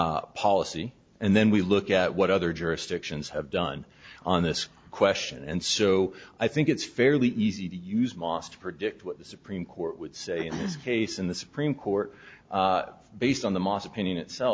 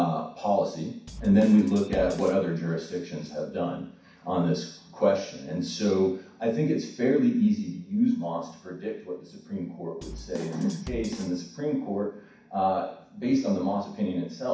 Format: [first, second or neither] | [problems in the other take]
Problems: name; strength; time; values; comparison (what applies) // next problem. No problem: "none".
first | background sound (Drum kit); 14 dB below the speech // room echo; dies away in 0.6 s